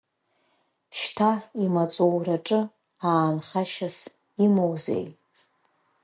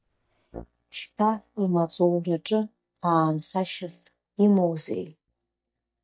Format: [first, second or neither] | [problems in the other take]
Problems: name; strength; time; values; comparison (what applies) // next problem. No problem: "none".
first | noise reduction (neural mask model DeepFilterNet 3)